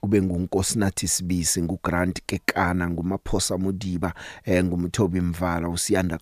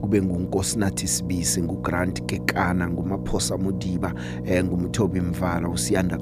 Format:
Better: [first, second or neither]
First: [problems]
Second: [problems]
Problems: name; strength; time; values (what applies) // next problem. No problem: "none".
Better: first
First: none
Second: low rumble; noticeable; throughout; 10 dB below the speech